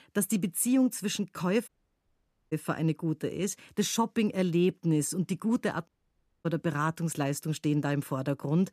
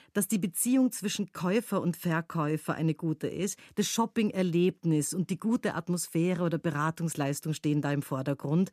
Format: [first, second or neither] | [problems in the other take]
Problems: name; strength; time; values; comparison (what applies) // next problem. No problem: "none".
second | audio cutting out; at 1.5 s for 1 s and at 6 s for 0.5 s